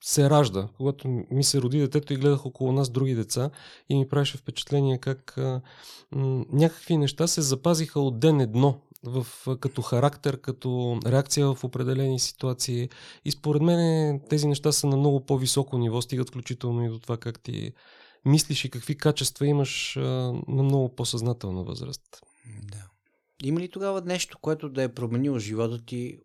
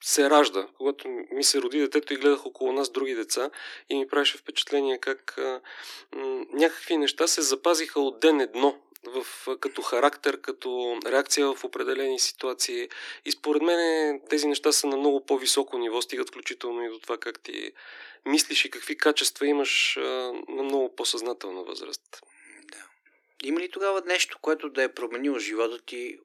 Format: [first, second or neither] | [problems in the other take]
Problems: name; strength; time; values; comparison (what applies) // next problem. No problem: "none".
first | thin; somewhat; fading below 300 Hz